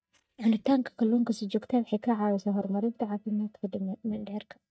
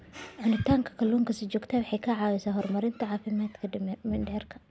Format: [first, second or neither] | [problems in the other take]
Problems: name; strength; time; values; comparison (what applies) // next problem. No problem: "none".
second | noise reduction (neural mask model DeepFilterNet 3)